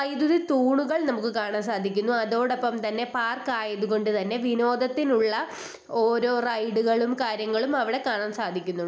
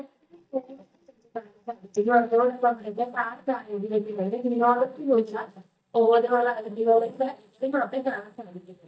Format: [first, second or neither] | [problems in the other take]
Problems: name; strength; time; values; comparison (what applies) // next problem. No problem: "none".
first | noise reduction (neural mask model DeepFilterNet 3)